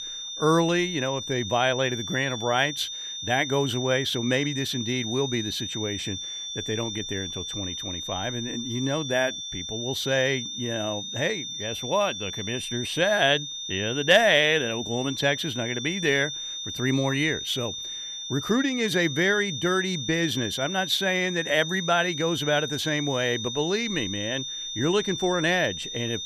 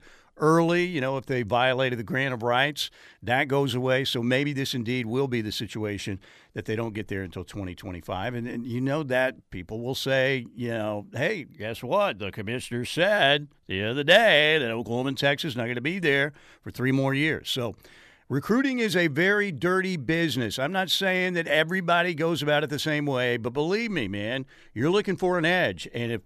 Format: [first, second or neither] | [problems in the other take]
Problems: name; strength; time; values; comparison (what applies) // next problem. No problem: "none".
second | high-pitched whine; loud; throughout; 3.5 kHz, 6 dB below the speech